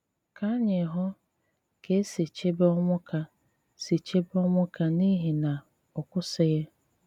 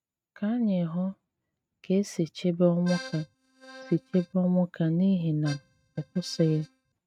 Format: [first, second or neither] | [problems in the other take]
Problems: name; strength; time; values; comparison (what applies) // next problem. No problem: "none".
first | noise reduction (neural mask model RNNoise)